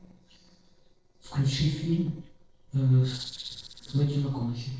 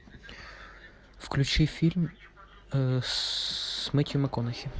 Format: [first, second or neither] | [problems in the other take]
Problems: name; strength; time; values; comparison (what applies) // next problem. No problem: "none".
second | noise reduction (neural separator model SepFormer DNS4)